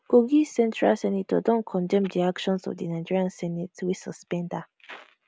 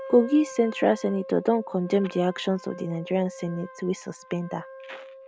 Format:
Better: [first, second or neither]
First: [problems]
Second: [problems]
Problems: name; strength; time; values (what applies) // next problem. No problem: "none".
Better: first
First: none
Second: background sound (Wind instrument, woodwind instrument); 16 dB below the speech